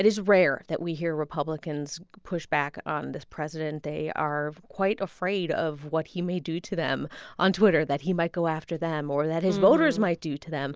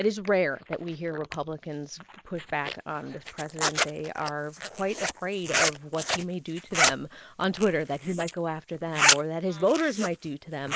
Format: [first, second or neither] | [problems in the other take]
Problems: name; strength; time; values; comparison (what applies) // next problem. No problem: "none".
first | noise reduction (neural mask model Resemble Enhance denoiser)